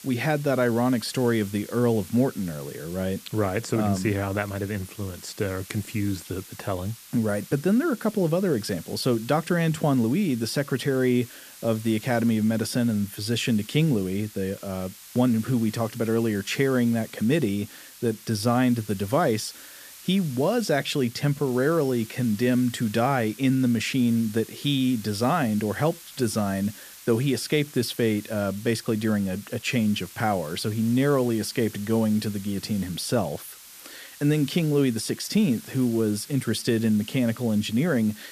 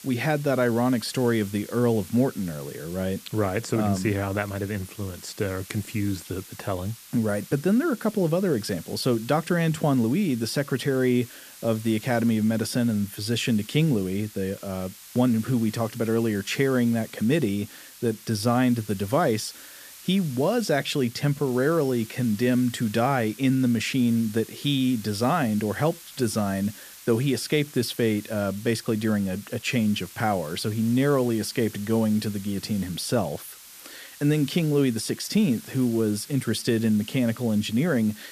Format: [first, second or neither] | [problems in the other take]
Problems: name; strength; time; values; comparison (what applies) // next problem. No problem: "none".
neither | hiss; noticeable; throughout; 20 dB below the speech; the same in both